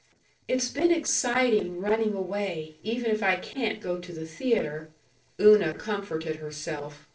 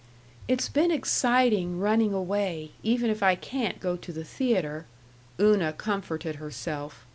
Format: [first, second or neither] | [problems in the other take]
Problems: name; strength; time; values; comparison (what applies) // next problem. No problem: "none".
second | noise reduction (neural separator model SepFormer DNS4)